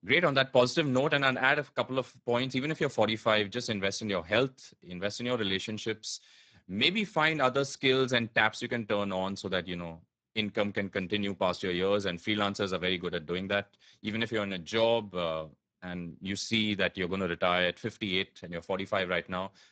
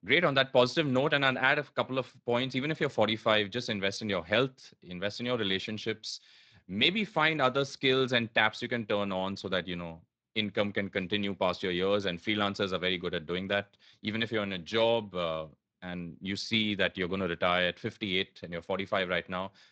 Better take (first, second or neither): second